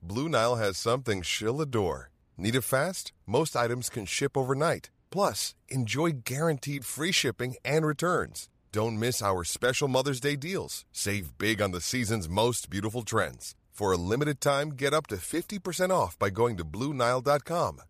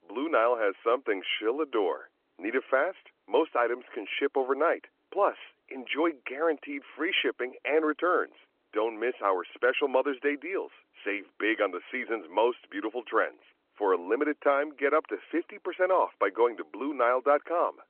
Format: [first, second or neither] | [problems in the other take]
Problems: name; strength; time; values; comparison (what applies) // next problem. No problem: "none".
first | phone-call audio; nothing above 3 kHz